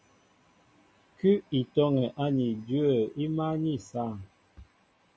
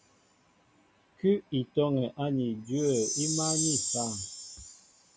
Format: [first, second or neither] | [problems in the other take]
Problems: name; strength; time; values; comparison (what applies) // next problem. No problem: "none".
first | background sound (Chime); 5 dB below the speech